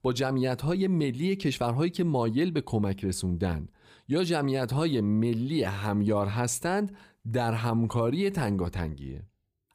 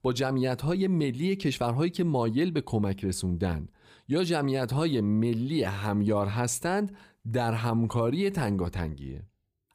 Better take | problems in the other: neither | none

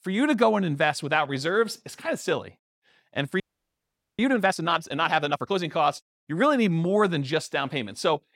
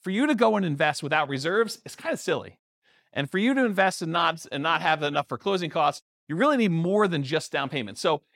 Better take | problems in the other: second | audio freezing; at 3.5 s for 1 s

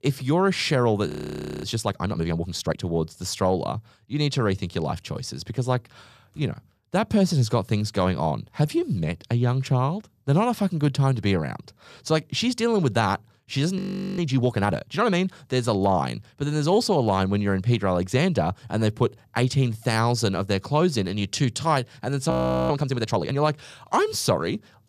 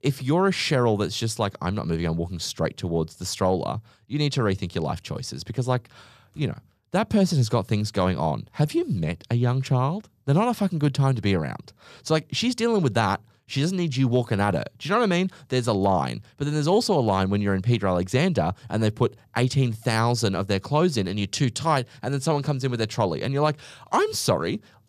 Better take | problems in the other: second | audio freezing; at 1 s for 0.5 s, at 14 s and at 22 s

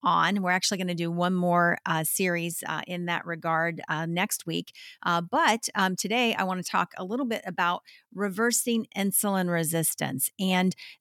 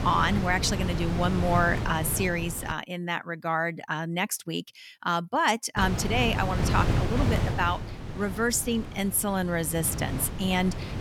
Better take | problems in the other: first | wind noise on the microphone; heavy; until 2.5 s and from 6 s on; 9 dB below the speech

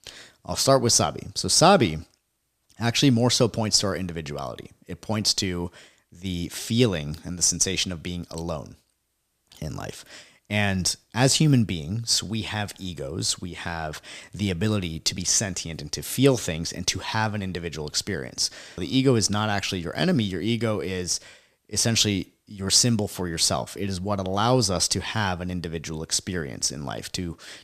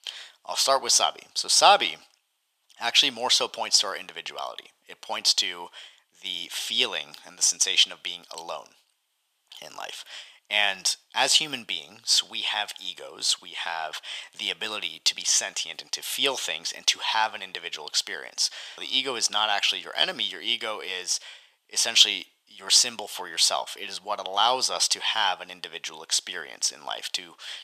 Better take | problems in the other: first | thin; very; fading below 750 Hz

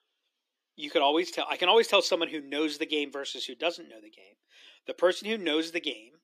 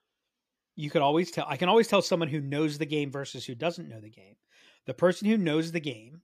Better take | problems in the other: second | thin; somewhat; fading below 300 Hz

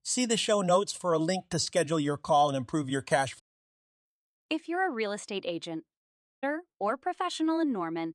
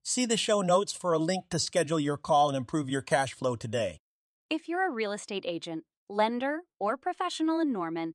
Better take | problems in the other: second | audio cutting out; at 3.5 s for 0.5 s and at 6 s

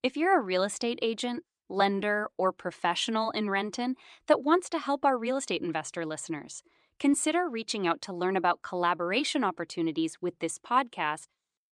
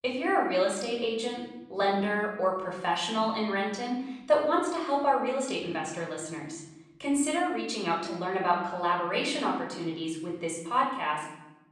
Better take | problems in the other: first | room echo; noticeable; dies away in 0.9 s // off-mic speech; far

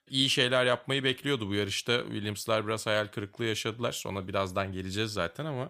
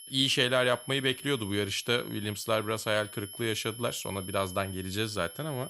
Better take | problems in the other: first | high-pitched whine; noticeable; throughout; 11 kHz, 15 dB below the speech

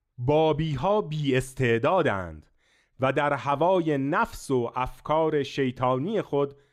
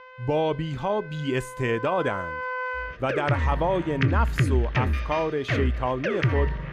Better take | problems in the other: first | background music; very loud; throughout; as loud as the speech

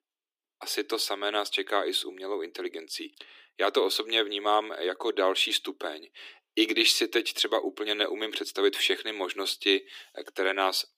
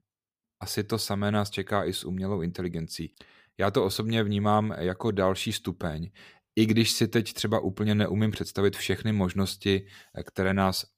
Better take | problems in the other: second | thin; very; fading below 300 Hz

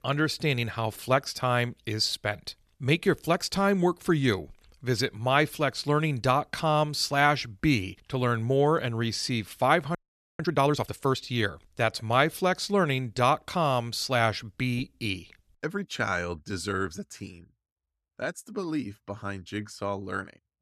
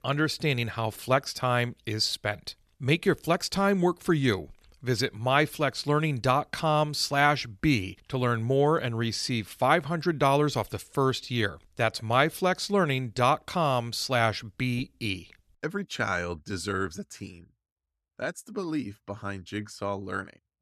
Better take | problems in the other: second | audio freezing; at 10 s

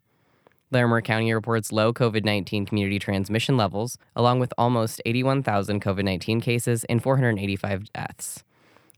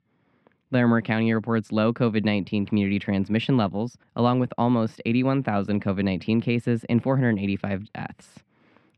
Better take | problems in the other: first | muffled; very slightly; fading above 3 kHz

